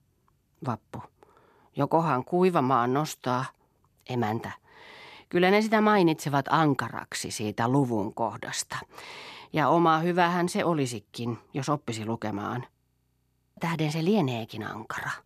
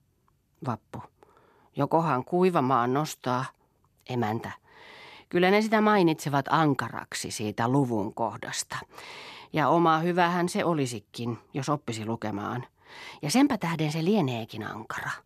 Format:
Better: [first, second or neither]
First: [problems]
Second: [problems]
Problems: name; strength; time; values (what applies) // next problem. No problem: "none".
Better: second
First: audio freezing; at 13 s for 1 s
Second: none